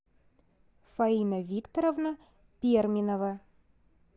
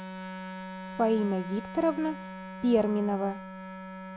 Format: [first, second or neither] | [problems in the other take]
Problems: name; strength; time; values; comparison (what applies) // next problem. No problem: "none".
first | background sound (Wind instrument, woodwind instrument); 10 dB below the speech